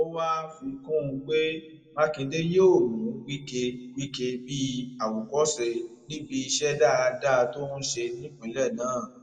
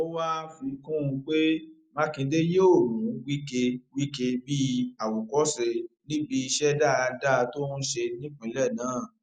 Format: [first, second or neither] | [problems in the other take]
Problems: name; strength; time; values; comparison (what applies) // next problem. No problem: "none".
second | room echo; dies away in 0.8 s